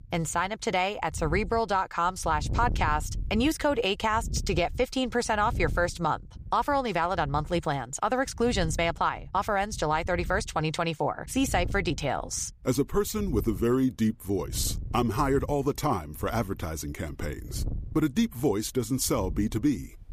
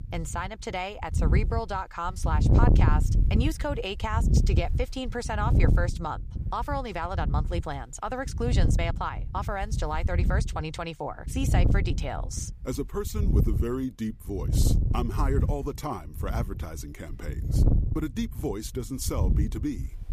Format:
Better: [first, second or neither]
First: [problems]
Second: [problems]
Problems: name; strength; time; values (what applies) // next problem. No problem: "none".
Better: first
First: wind noise on the microphone; occasional gusts; 25 dB below the speech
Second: wind noise on the microphone; heavy; 7 dB below the speech